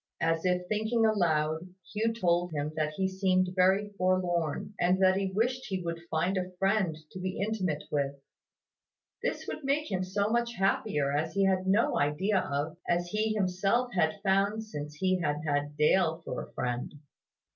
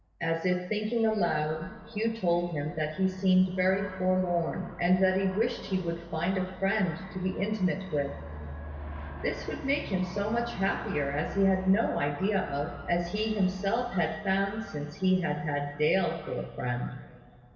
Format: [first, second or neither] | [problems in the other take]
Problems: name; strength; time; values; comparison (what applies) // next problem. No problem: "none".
first | background sound (Aircraft); 15 dB below the speech // room echo; dies away in 2.7 s